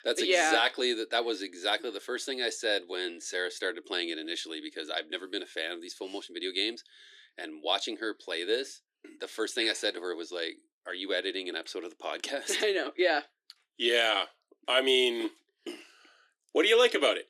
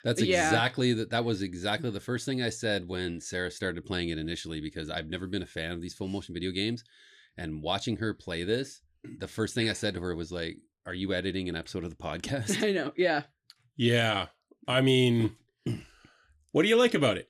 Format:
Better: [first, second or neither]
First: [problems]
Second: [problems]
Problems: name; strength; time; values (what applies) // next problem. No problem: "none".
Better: second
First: thin; very; fading below 350 Hz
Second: none